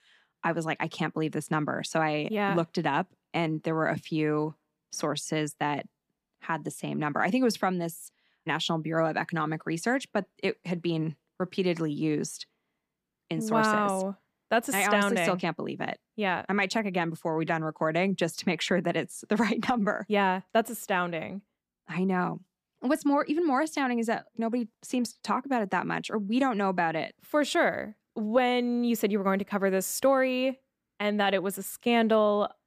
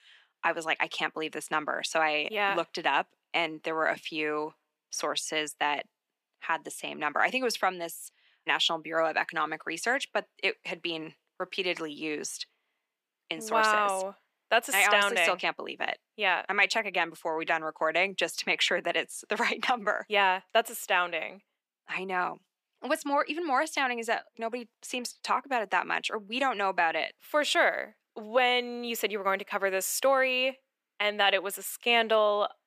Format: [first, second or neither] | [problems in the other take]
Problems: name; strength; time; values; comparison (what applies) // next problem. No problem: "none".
first | thin; somewhat; fading below 500 Hz